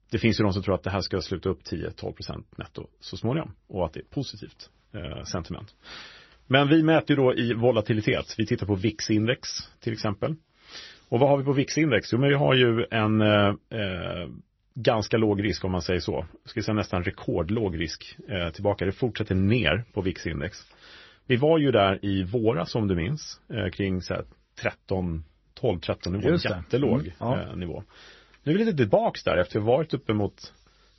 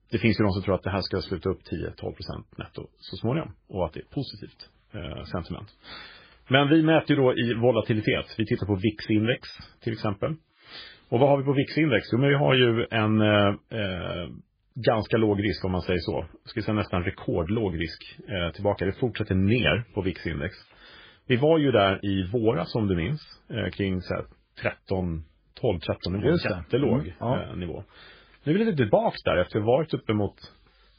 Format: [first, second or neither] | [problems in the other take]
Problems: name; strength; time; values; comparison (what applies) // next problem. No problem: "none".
first | garbled, watery; badly; nothing above 5 kHz; slightly in the first